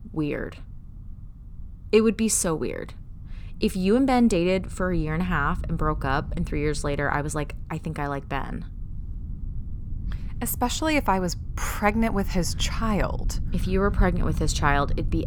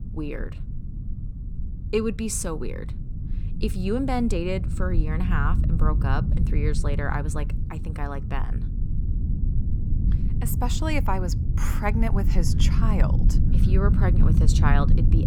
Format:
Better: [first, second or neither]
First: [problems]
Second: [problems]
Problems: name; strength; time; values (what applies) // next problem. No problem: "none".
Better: first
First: low rumble; faint; throughout; 25 dB below the speech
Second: low rumble; loud; throughout; 8 dB below the speech